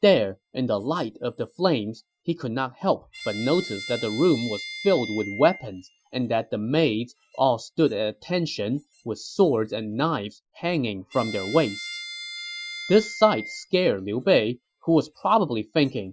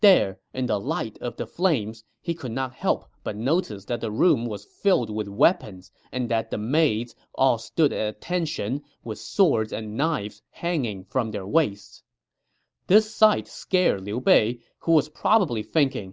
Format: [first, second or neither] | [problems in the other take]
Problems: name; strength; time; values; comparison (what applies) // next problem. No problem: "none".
second | noise reduction (classical method Wiener filter)